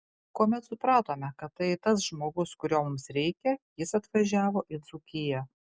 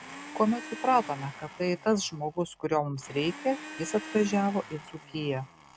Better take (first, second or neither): first